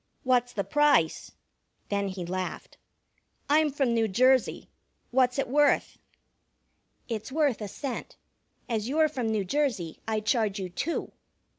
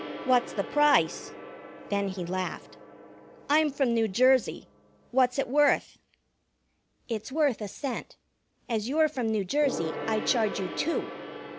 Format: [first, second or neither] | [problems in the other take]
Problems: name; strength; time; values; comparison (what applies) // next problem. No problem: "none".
first | background sound (Gong); 13 dB below the speech